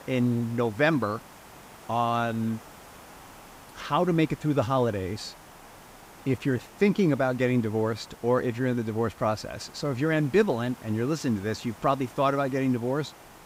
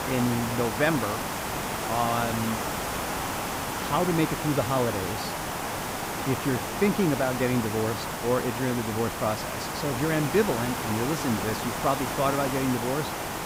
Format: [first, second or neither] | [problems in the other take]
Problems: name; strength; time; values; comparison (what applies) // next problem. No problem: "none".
first | hiss; loud; throughout; 2 dB below the speech; faint in the first